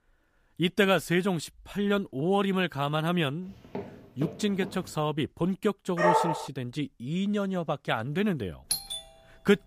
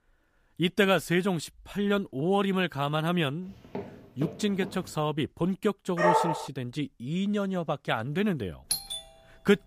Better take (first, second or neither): neither